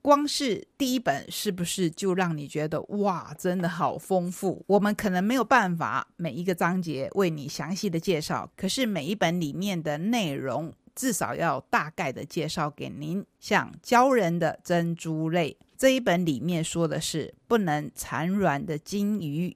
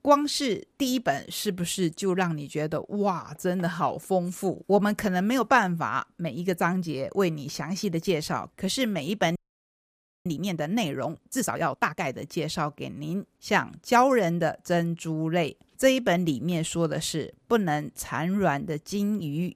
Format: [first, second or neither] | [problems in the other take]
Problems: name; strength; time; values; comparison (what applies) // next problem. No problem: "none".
first | audio freezing; at 9.5 s for 1 s